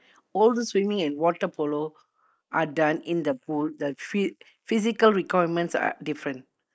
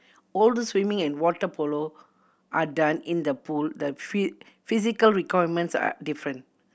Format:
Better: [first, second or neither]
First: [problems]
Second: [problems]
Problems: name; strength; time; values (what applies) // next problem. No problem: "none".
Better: second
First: noise reduction (neural mask model Resemble Enhance denoiser)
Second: none